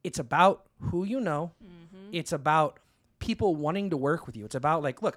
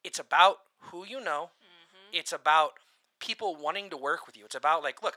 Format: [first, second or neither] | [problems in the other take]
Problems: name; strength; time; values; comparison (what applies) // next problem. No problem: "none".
first | thin; very; fading below 800 Hz